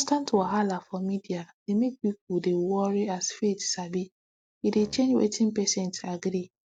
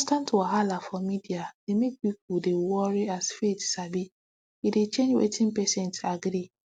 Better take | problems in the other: second | noise reduction (neural mask model DeepFilterNet 3)

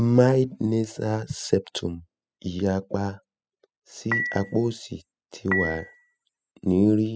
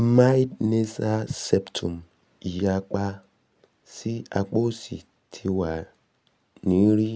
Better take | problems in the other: second | noise reduction (classical method spectral subtraction)

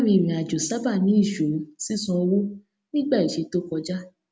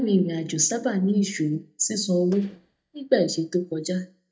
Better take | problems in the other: first | noise reduction (neural mask model DeepFilterNet 3)

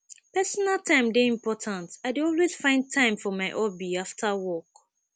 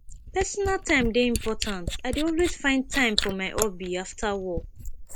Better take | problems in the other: first | noise reduction (neural mask model Resemble Enhance denoiser)

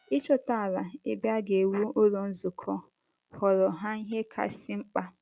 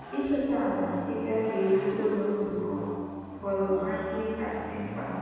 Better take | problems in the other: first | background sound (Vehicle); 16 dB below the speech // room echo; dies away in 2.1 s

